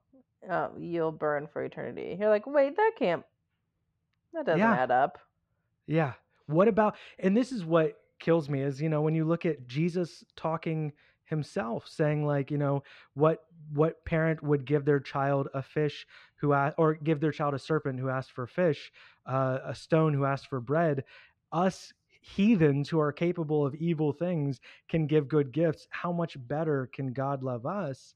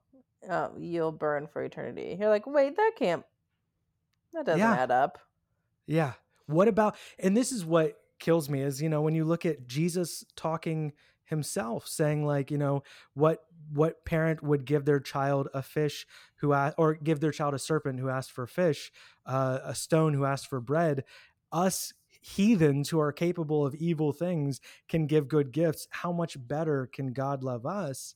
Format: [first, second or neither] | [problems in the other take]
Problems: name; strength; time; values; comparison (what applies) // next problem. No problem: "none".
second | muffled; slightly; fading above 3 kHz